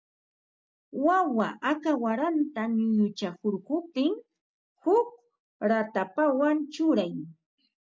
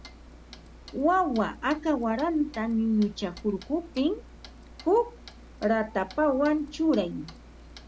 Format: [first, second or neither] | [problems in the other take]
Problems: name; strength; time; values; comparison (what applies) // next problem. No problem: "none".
first | background sound (Clock); 19 dB below the speech